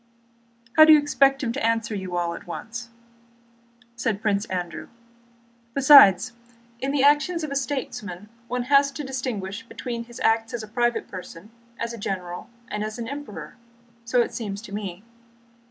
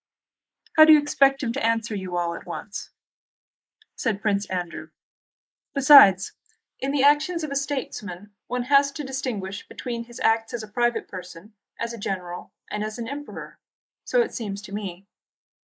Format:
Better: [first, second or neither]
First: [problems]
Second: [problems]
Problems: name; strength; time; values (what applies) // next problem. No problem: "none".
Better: first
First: none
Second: noise reduction (neural mask model Resemble Enhance denoiser)